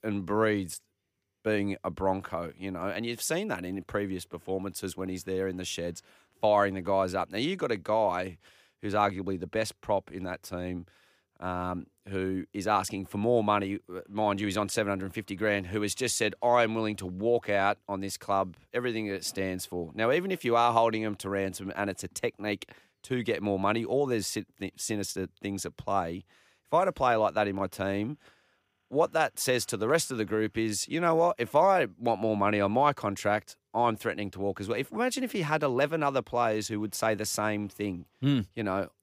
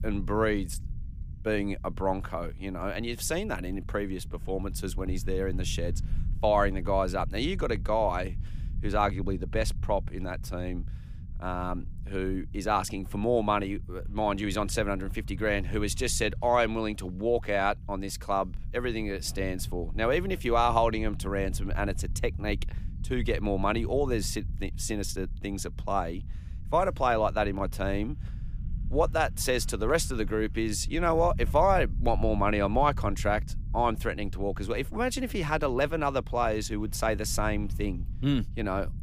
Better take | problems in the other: first | low rumble; faint; throughout; 25 dB below the speech

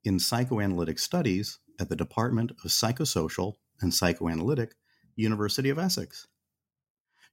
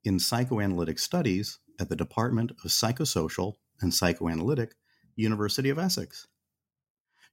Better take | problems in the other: neither | none

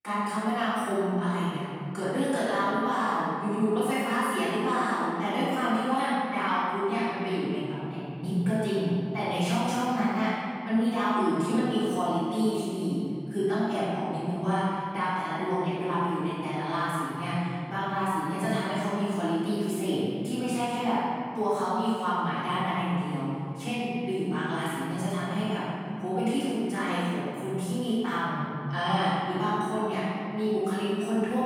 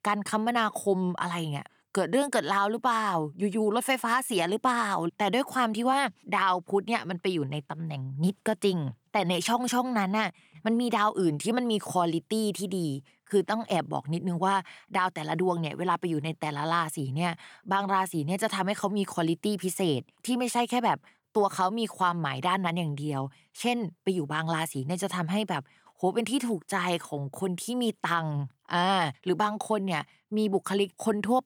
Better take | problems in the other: second | room echo; strong; dies away in 2.5 s // off-mic speech; far

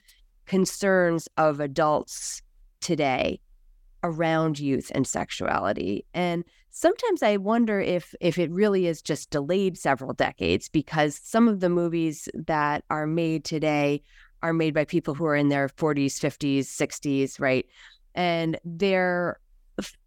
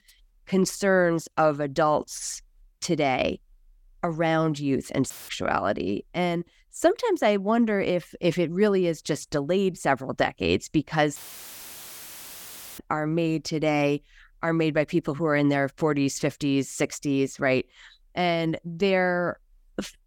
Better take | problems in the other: first | audio cutting out; filled with static; at 5 s and at 11 s for 1.5 s

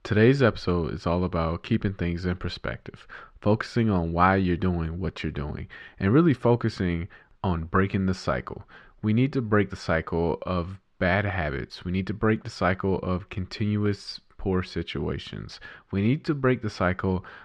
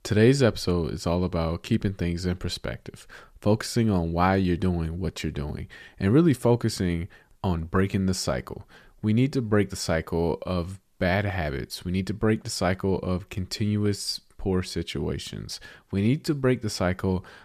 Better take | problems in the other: second | muffled; slightly; fading above 3 kHz

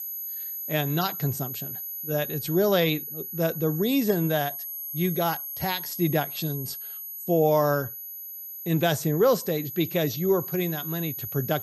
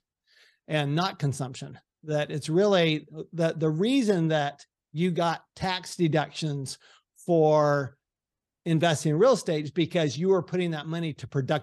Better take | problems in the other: second | high-pitched whine; loud; throughout; 12 kHz, 7 dB below the speech

